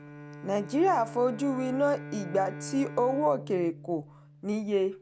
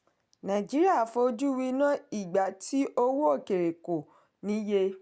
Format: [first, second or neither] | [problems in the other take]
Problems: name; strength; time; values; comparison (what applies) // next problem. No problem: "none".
second | background sound (Bowed string instrument); 14 dB below the speech